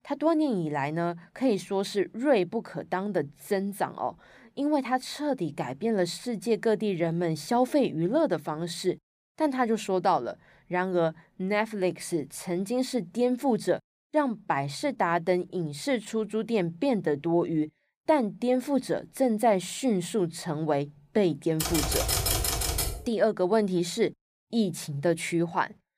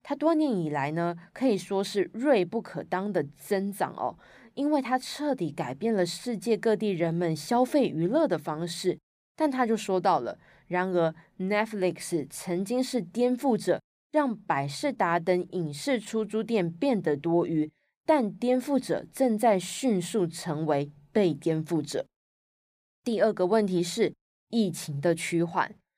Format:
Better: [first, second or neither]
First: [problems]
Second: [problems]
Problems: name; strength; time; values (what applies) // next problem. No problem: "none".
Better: second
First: keyboard typing; loud; from 22 to 23 s; peak 3 dB above the speech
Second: none